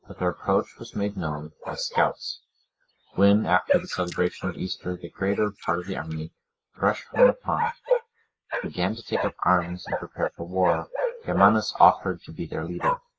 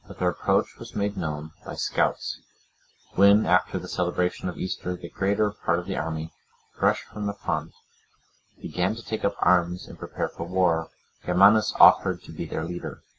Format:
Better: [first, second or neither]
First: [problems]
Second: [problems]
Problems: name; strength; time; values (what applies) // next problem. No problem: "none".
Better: second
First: noise reduction (neural mask model Resemble Enhance denoiser)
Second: none